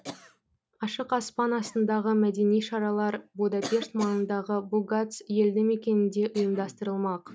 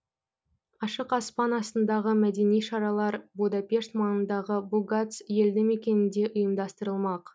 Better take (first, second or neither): second